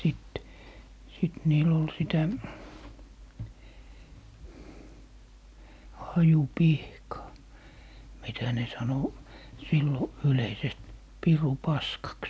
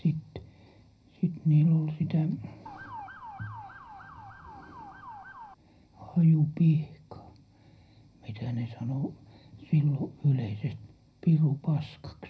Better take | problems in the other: first | background sound (Motor vehicle (road) / Siren); 16 dB below the speech // room echo; dies away in 0.4 s

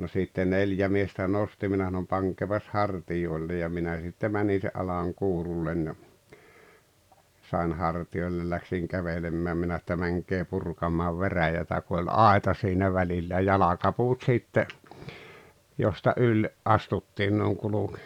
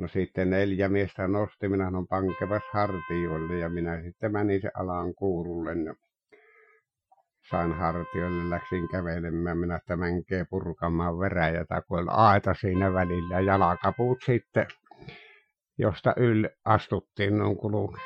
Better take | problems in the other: first | noise reduction (classical method Wiener filter)

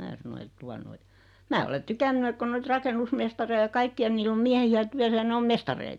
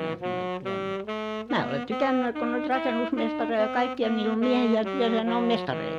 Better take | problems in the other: first | background sound (Wind instrument, woodwind instrument); 4 dB below the speech

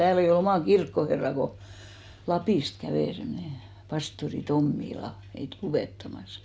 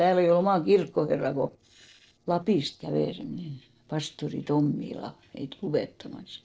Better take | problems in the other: first | noise reduction (neural separator model SepFormer DNS4)

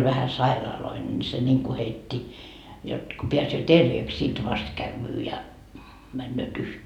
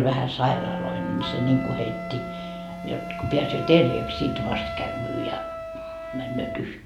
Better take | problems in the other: first | background sound (Wind instrument, woodwind instrument + Wind instrument, woodwind instrument); 7 dB below the speech

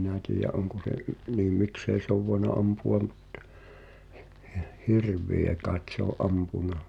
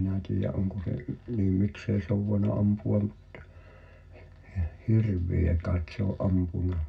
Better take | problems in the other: first | room echo; dies away in 0.4 s

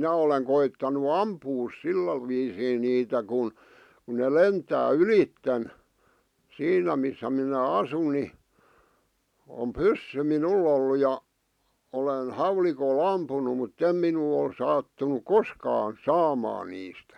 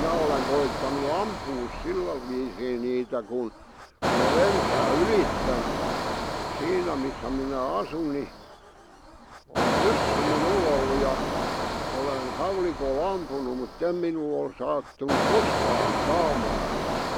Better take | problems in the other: first | background sound (Engine); as loud as the speech

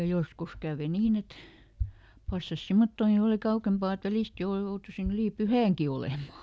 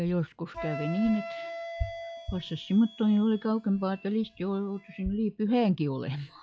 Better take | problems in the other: first | noise reduction (classical method log-MMSE)

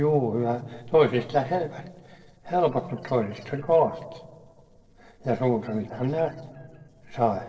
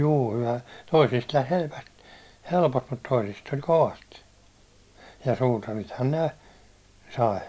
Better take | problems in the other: second | noise reduction (neural separator model SepFormer DNS4)

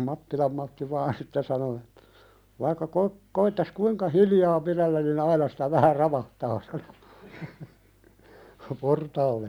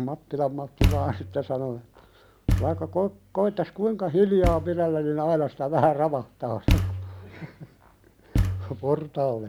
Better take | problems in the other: first | background sound (Thump, thud); 3 dB below the speech

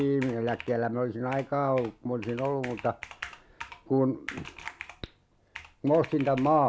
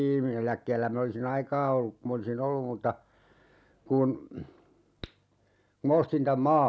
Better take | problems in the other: second | background sound (Computer keyboard); 17 dB below the speech

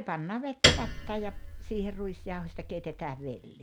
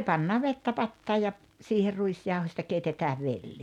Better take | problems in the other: second | background sound (Piano); 5 dB above the speech

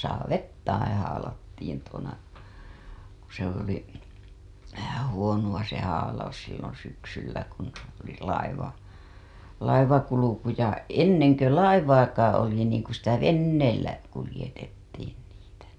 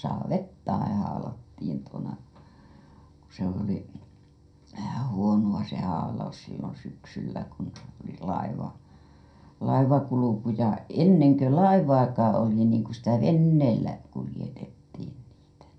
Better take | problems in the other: first | room echo; dies away in 0.2 s

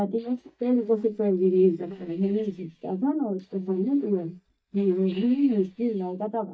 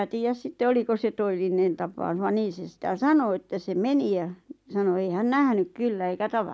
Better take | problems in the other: second | noise reduction (neural mask model DeepFilterNet 3)

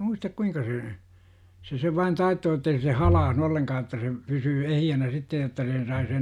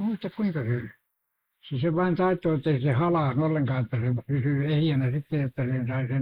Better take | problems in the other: first | noise reduction (neural mask model Resemble Enhance denoiser)

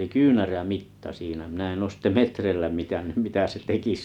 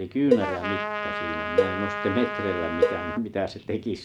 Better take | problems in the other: first | background sound (Trumpet + Cowbell); 1 dB above the speech

